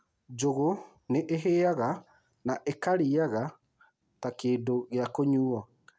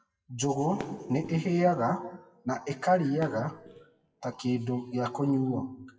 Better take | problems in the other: first | noise reduction (classical method WPE with log-MMSE)

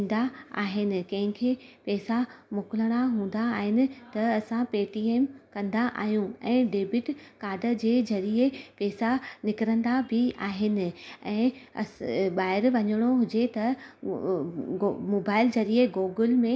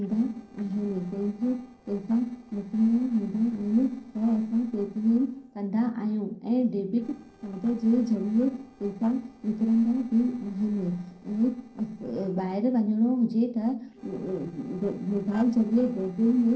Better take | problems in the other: first | noise reduction (neural separator model SepFormer DNS4)

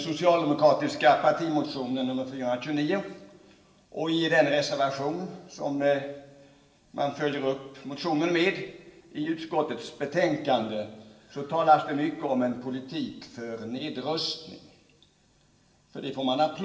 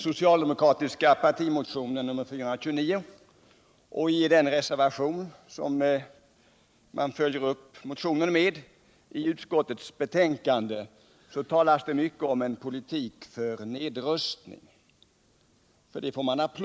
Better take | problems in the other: second | room echo; dies away in 1.1 s

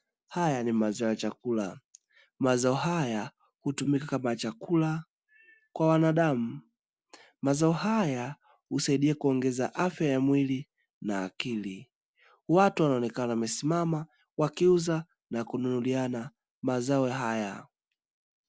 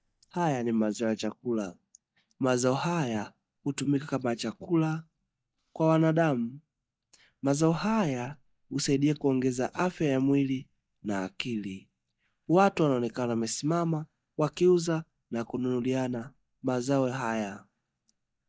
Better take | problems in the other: first | noise reduction (neural mask model DeepFilterNet 3)

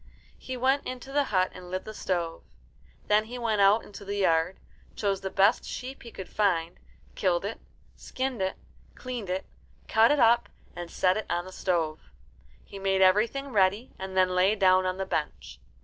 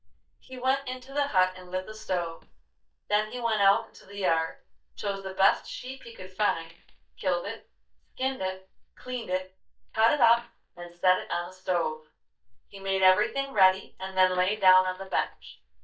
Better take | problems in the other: first | noise reduction (neural mask model DeepFilterNet 3)

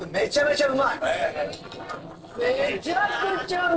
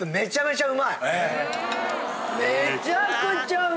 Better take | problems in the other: second | noise reduction (neural separator model SepFormer DNS4)

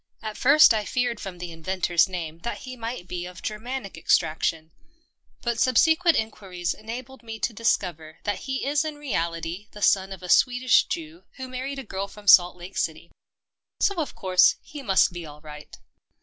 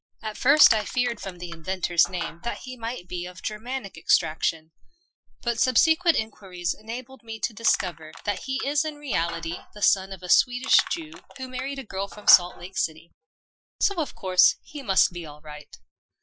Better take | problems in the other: first | noise reduction (classical method Wiener filter)

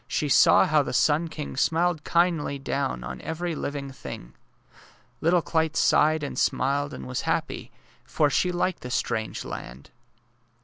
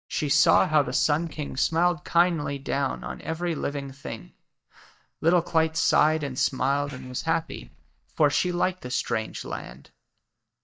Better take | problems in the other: first | noise reduction (neural mask model DeepFilterNet 3)

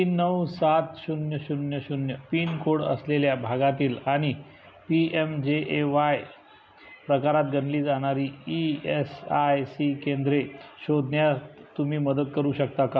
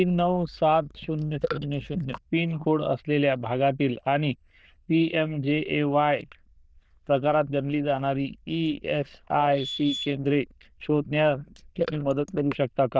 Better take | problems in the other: first | noise reduction (neural diffusion model UNIVERSE++)

